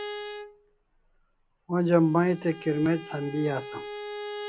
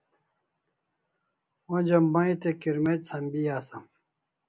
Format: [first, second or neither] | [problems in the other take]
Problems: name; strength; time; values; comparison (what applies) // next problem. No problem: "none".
second | background sound (Bowed string instrument); 12 dB below the speech